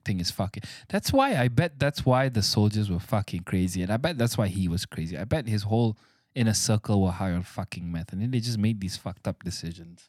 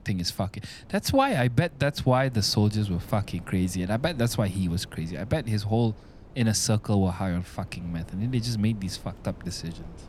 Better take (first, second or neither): first